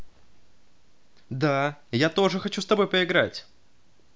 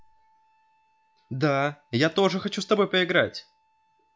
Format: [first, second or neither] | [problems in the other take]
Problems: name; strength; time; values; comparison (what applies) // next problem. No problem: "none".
first | noise reduction (classical method log-MMSE)